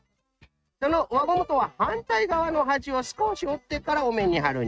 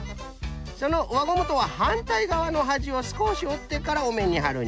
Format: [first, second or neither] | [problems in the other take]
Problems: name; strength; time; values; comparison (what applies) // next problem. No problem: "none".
second | noise reduction (neural mask model RNNoise)